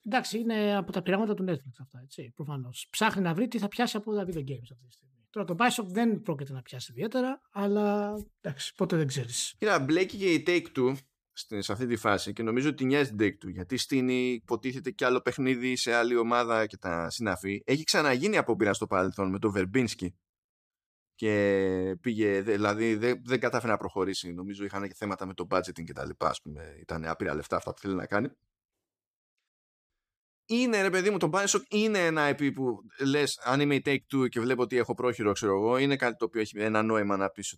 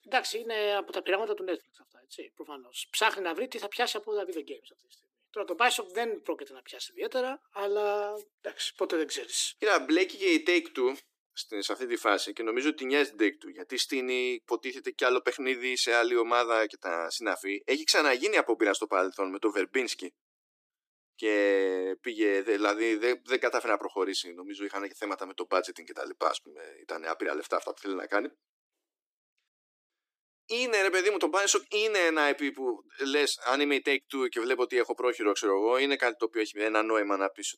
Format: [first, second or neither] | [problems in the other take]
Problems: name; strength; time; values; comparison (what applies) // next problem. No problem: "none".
first | thin; somewhat; fading below 300 Hz